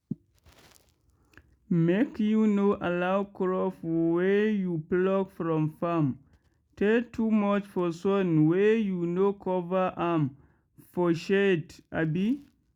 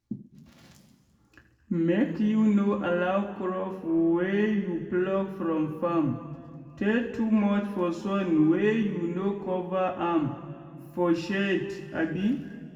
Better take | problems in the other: first | room echo; dies away in 1.7 s

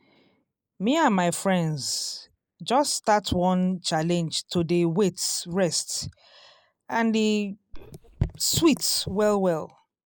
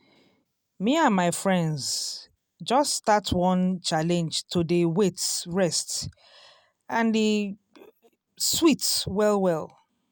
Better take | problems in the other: second | noise reduction (neural mask model Resemble Enhance denoiser)

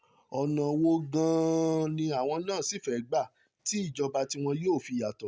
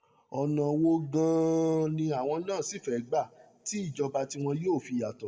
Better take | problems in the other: first | room echo; dies away in 1.3 s

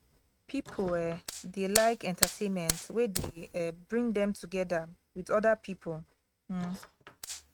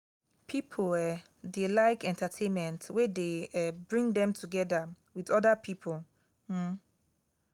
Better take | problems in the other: second | noise reduction (neural mask model RNNoise)

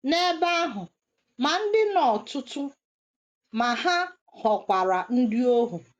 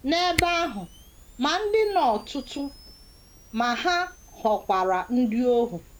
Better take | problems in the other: first | background sound (Camera); 15 dB below the speech

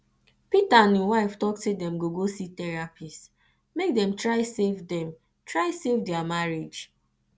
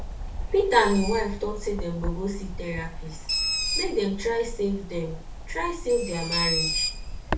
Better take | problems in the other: first | background sound (Bird); 3 dB below the speech // room echo; dies away in 0.3 s

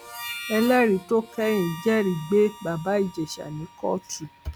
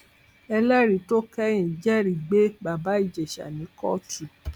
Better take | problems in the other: second | background sound (Harmonica); 15 dB below the speech

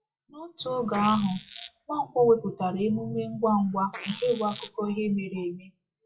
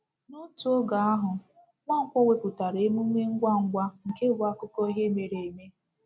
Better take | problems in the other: second | noise reduction (classical method WPE with log-MMSE)

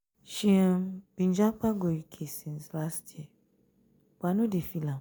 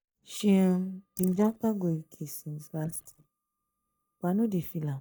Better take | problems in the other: first | noise reduction (neural mask model DeepFilterNet 3)

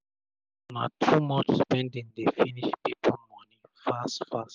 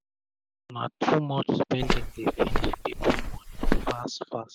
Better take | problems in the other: first | background sound (Walk, footsteps); 3 dB above the speech

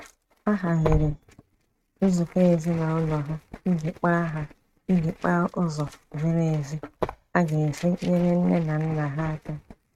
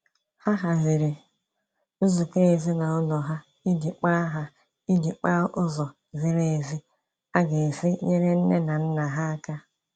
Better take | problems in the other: second | noise reduction (neural mask model RNNoise)

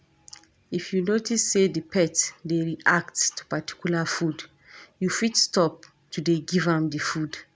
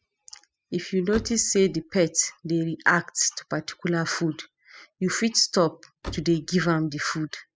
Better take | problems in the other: first | noise reduction (classical method spectral subtraction)

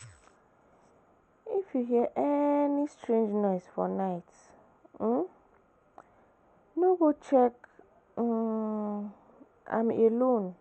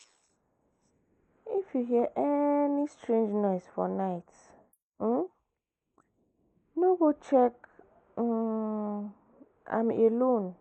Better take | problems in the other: first | noise reduction (neural mask model Resemble Enhance denoiser)

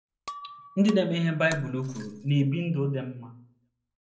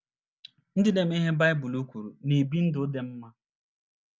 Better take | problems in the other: second | background sound (Shatter); 19 dB below the speech // room echo; dies away in 0.4 s

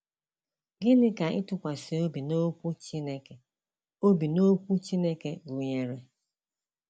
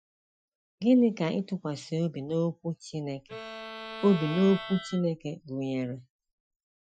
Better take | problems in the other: first | noise reduction (classical method Wiener filter)

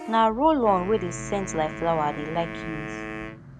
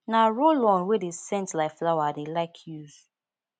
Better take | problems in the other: second | background sound (Wind instrument, woodwind instrument + Bus / Vehicle horn, car horn, honking); 10 dB below the speech

